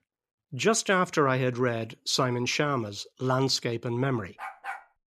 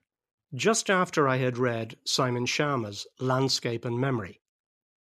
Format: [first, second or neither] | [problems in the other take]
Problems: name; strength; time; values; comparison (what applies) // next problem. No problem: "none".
second | dog barking; faint; at 4.5 s; peak 10 dB below the speech